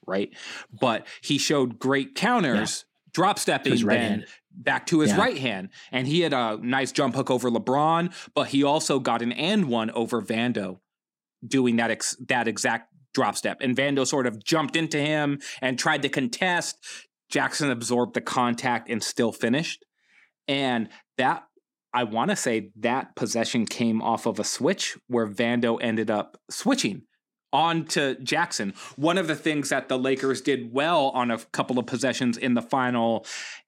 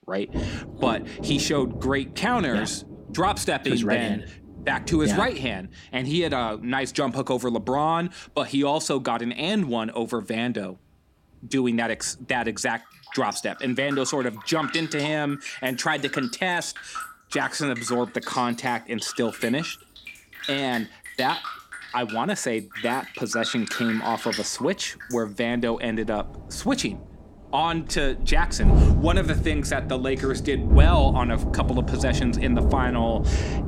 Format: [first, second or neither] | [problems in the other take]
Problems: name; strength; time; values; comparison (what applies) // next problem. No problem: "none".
first | rain or running water; loud; throughout; 3 dB below the speech